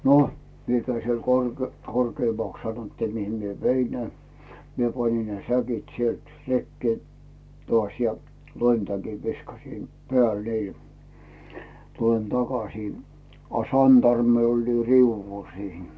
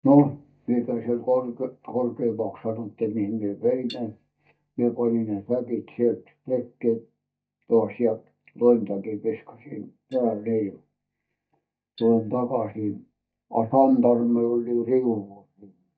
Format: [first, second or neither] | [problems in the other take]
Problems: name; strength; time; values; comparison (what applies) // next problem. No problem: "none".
first | noise reduction (neural mask model DeepFilterNet 3)